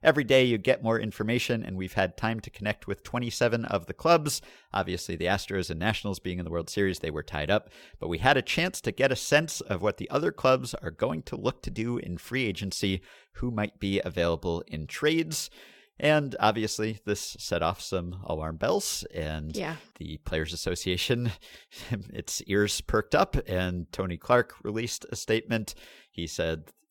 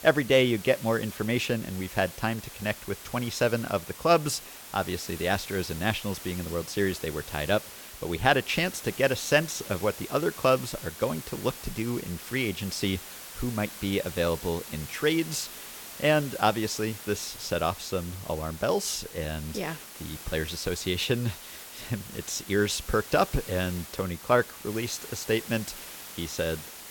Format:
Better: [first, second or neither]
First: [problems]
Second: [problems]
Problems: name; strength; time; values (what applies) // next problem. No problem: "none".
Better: first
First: none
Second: hiss; noticeable; throughout; 10 dB below the speech